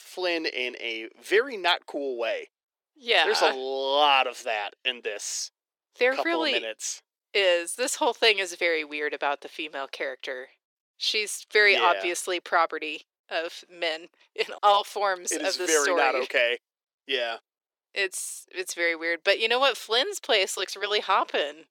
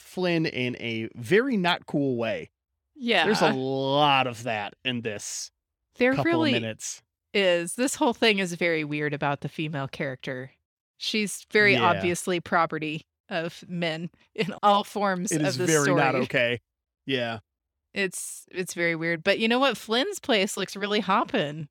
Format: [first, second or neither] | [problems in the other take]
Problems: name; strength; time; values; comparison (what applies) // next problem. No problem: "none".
second | thin; very; fading below 350 Hz